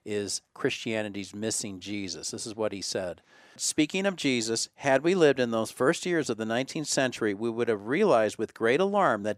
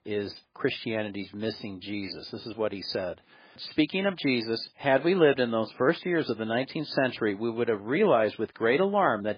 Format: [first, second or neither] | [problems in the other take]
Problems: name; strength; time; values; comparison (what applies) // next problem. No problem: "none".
first | garbled, watery; badly; nothing above 5 kHz